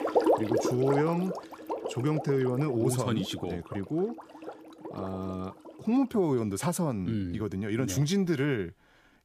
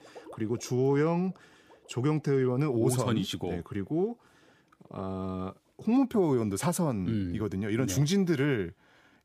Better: second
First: household noises; loud; throughout; 4 dB below the speech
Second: household noises; faint; throughout; 30 dB below the speech

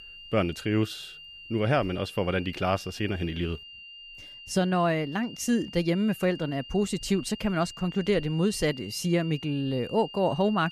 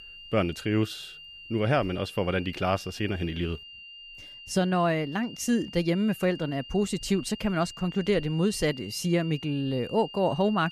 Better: neither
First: high-pitched whine; noticeable; throughout; 3 kHz, 15 dB below the speech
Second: high-pitched whine; noticeable; throughout; 3 kHz, 15 dB below the speech

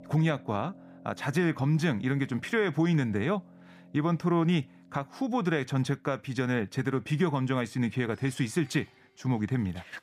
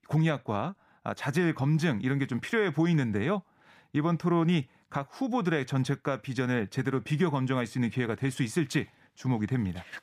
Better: second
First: background music; faint; throughout; 25 dB below the speech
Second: none

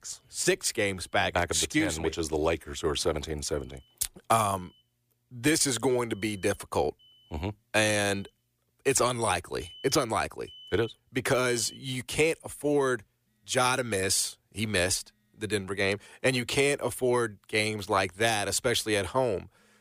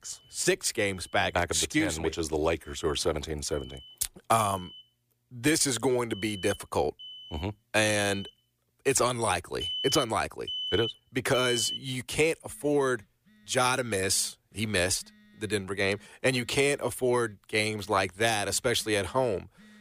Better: first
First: alarms or sirens; faint; throughout; 25 dB below the speech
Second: alarms or sirens; loud; throughout; 8 dB below the speech

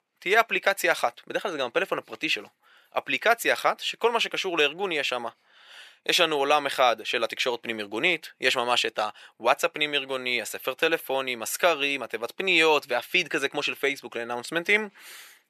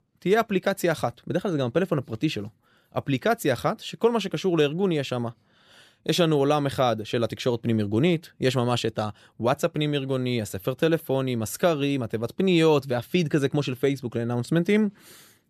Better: second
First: thin; very; fading below 600 Hz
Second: none

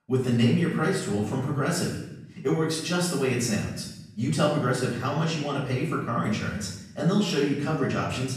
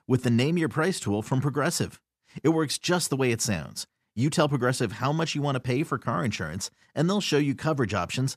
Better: second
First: off-mic speech; far // room echo; noticeable; dies away in 0.8 s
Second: none

